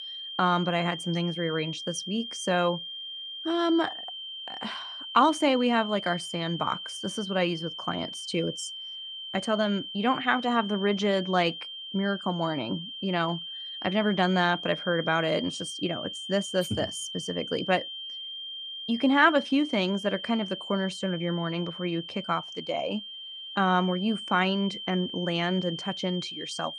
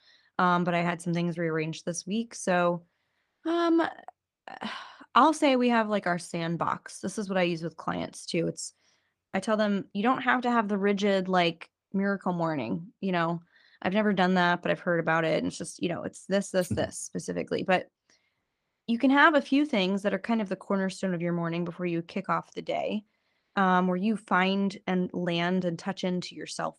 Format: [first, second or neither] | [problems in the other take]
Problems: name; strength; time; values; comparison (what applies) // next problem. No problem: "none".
second | high-pitched whine; loud; throughout; 3 kHz, 8 dB below the speech